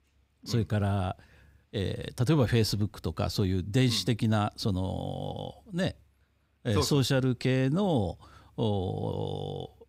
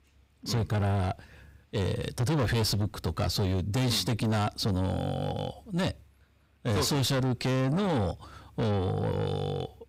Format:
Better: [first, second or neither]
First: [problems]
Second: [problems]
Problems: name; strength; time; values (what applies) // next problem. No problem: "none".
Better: first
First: none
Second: distortion; heavy; 7 dB below the speech